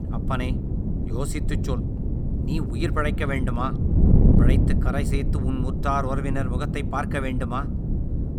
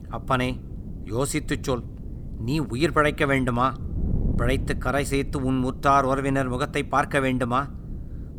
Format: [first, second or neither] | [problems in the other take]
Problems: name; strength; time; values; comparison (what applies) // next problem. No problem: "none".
second | wind noise on the microphone; heavy; 5 dB below the speech; occasional gusts in the second